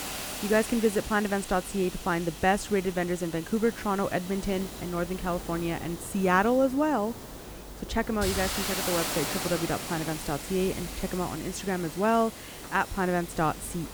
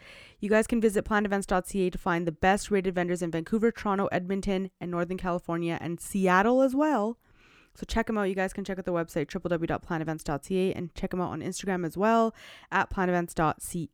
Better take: second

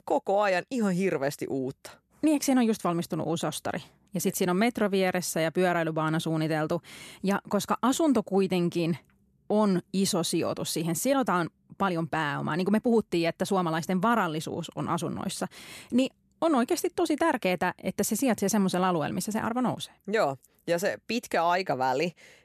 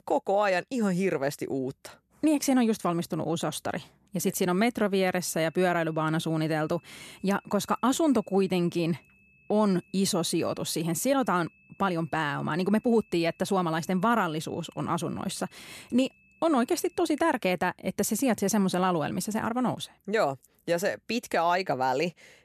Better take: first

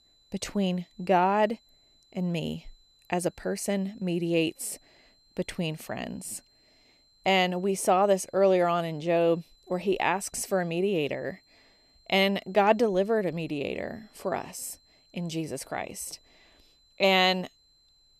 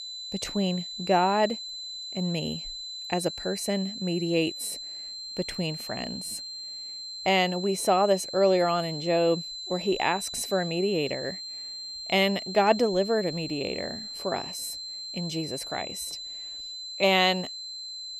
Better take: first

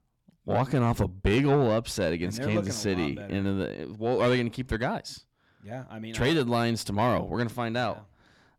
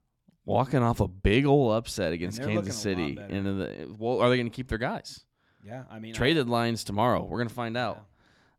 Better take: second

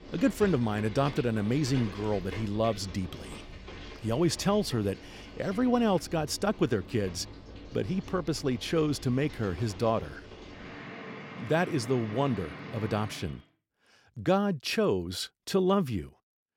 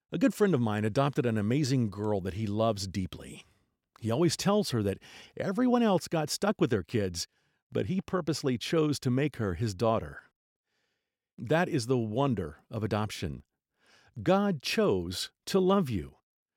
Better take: second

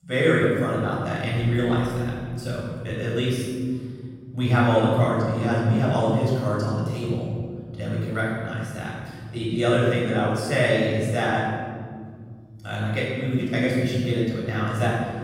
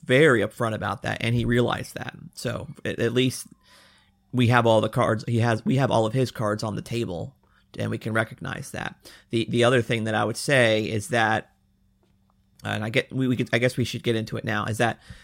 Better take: second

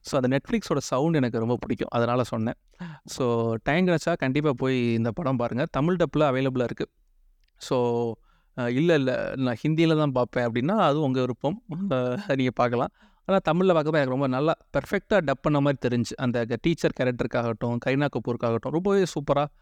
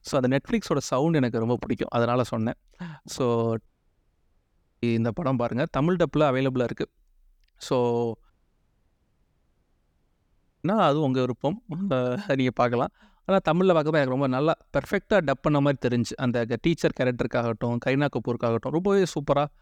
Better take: first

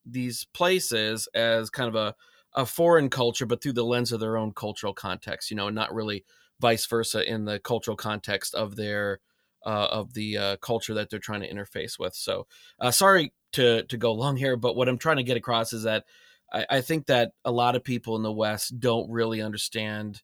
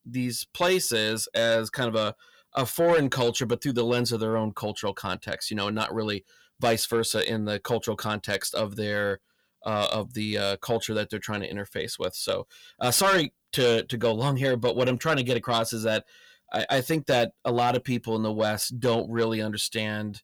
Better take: first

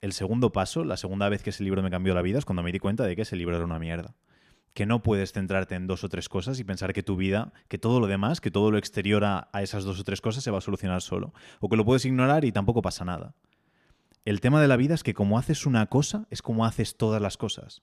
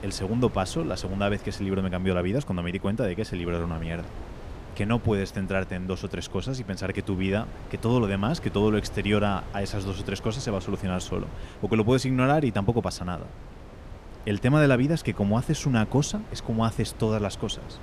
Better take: first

